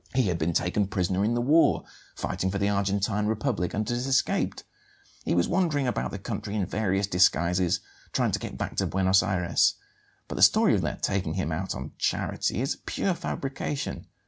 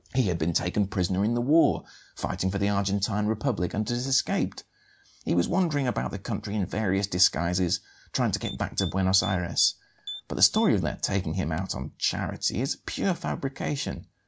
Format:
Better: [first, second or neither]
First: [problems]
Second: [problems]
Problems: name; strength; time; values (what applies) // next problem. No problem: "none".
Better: first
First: none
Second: background sound (Typing); 16 dB below the speech